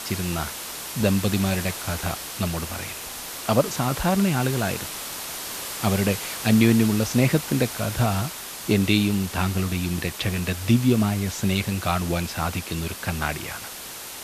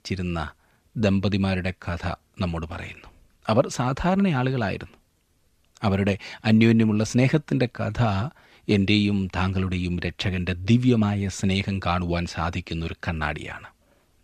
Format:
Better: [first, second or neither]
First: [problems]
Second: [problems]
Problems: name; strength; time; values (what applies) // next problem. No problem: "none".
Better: second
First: hiss; loud; throughout; 8 dB below the speech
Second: none